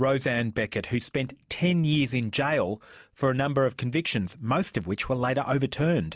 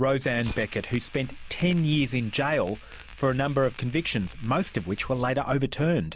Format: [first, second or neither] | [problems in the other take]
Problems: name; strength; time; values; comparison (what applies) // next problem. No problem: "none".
first | background sound (Fire); 16 dB below the speech